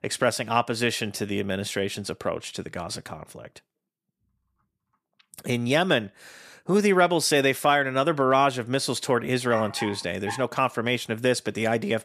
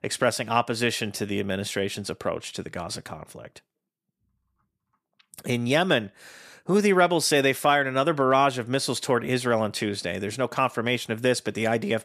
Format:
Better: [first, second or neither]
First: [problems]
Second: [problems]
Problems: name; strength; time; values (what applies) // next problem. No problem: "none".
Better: second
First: dog barking; noticeable; at 9.5 s; peak 10 dB below the speech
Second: none